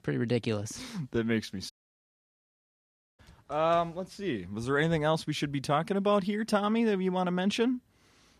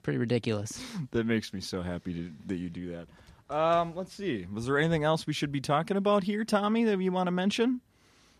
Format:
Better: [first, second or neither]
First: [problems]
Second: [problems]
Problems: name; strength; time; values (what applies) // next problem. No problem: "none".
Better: second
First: audio cutting out; at 1.5 s for 1.5 s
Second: none